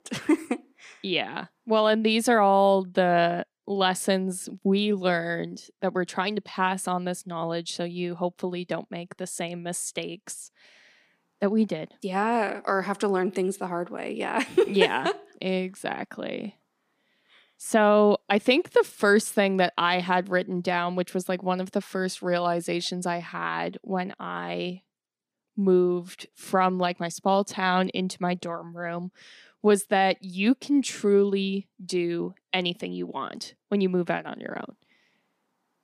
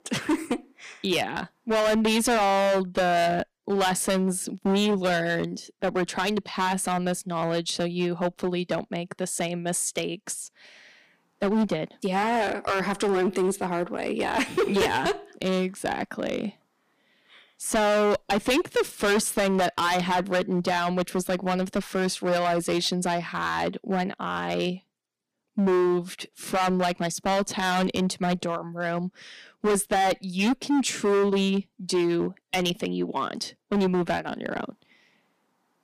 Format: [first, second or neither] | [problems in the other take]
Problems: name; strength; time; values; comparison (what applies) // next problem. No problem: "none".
first | distortion; heavy; 12% of the sound clipped